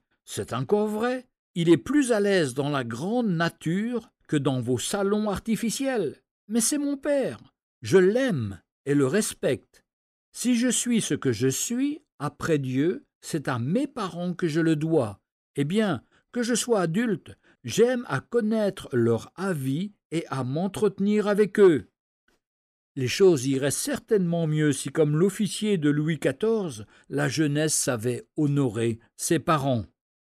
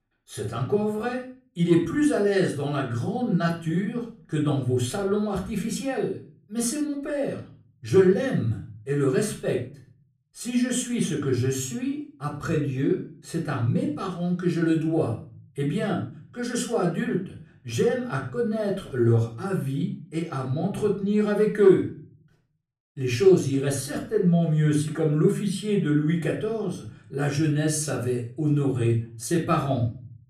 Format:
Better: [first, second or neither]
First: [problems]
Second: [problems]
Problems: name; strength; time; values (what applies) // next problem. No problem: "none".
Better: first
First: none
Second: off-mic speech; far // room echo; slight; dies away in 0.4 s